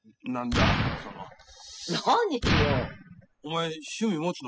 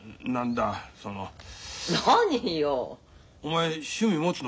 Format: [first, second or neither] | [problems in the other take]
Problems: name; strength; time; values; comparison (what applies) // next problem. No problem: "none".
second | noise reduction (classical method spectral subtraction)